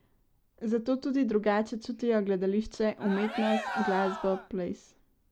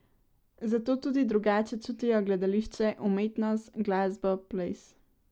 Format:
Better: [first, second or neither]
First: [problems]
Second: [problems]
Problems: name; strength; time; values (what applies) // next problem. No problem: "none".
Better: second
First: background sound (Cheering); 6 dB below the speech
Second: none